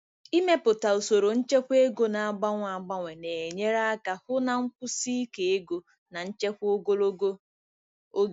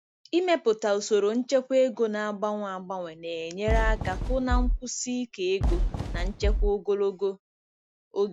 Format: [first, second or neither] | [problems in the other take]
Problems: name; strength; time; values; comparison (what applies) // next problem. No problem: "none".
first | background sound (Fireworks); 1 dB above the speech